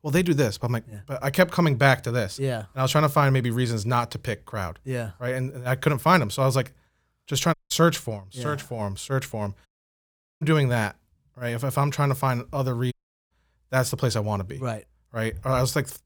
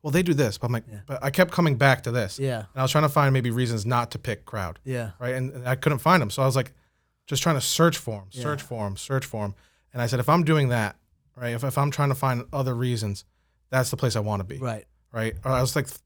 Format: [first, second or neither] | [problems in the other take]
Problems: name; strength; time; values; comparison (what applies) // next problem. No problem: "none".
second | audio cutting out; at 7.5 s, at 9.5 s for 1 s and at 13 s